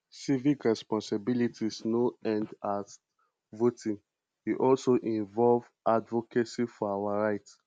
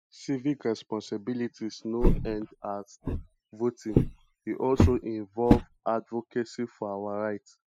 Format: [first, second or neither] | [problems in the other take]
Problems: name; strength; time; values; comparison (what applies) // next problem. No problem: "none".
first | noise reduction (classical method spectral subtraction)